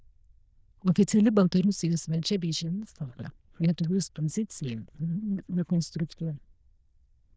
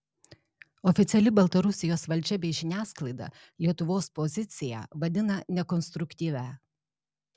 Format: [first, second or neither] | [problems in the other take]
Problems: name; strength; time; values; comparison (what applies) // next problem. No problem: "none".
second | noise reduction (neural diffusion model UNIVERSE++)